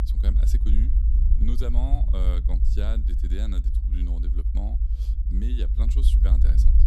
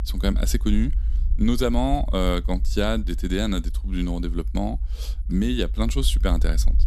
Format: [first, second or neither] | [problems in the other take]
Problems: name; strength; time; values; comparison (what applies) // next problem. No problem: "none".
second | low rumble; loud; throughout; 3 dB below the speech; faint in the second